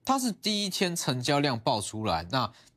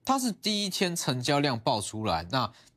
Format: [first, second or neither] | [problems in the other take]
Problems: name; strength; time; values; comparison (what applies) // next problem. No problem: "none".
neither | none